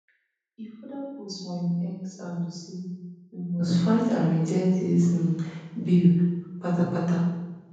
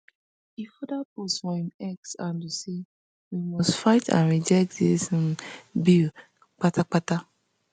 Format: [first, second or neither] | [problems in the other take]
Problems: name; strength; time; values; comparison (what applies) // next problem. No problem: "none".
second | room echo; dies away in 1.1 s